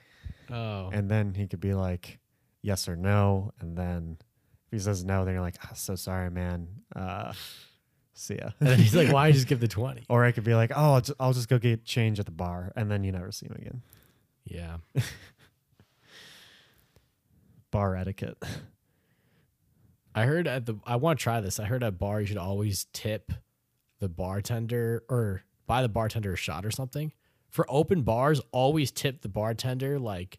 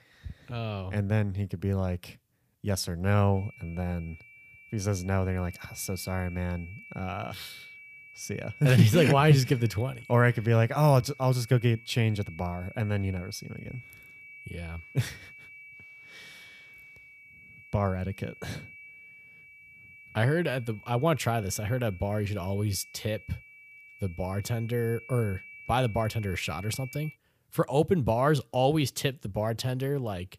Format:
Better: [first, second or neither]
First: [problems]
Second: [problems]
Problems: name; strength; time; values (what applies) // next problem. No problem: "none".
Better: first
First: none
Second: high-pitched whine; noticeable; from 3.5 to 27 s; 2.5 kHz, 20 dB below the speech